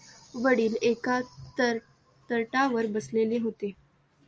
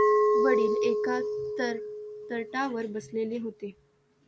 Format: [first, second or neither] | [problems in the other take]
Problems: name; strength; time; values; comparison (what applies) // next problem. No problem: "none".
first | background sound (Glass); 5 dB above the speech